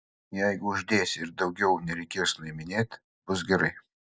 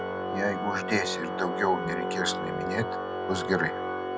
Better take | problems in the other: first | background sound (Organ); 1 dB below the speech

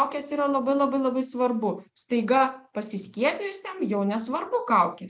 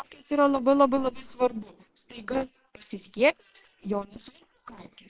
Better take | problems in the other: first | noise reduction (neural separator model SepFormer WHAM!)

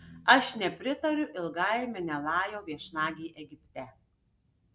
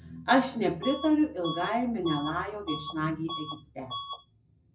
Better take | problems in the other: first | background sound (Bus / Alarm); 10 dB below the speech // room echo; dies away in 0.4 s

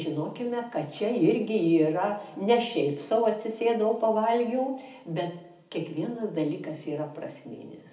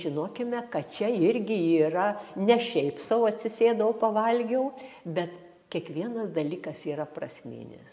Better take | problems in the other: second | room echo; dies away in 0.4 s

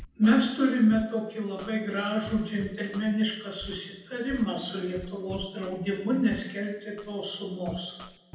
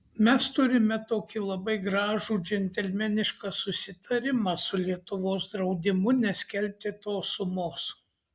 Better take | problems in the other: second | background sound (Scratching (performance technique)); 19 dB below the speech // room echo; dies away in 0.9 s

